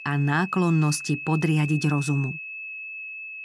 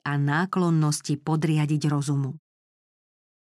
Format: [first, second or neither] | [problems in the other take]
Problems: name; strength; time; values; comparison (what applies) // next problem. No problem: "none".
second | high-pitched whine; loud; throughout; 2.5 kHz, 10 dB below the speech